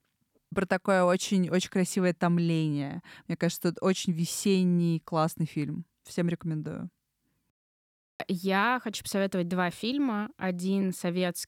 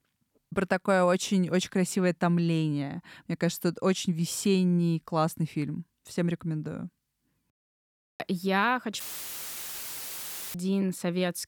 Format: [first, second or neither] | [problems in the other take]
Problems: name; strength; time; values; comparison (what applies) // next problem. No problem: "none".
first | audio cutting out; filled with static; at 9 s for 1.5 s